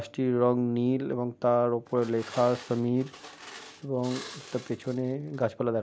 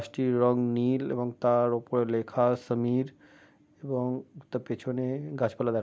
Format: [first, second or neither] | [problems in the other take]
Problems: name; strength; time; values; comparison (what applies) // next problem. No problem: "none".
second | background sound (Glass); 18 dB below the speech